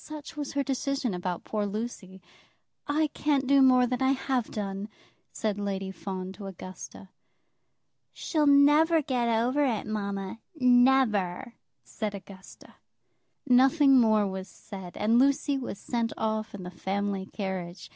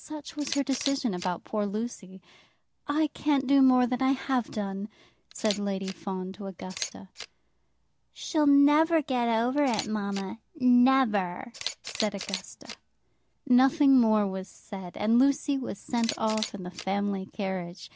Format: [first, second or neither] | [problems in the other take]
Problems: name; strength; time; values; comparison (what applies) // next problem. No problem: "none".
first | background sound (Camera); 16 dB below the speech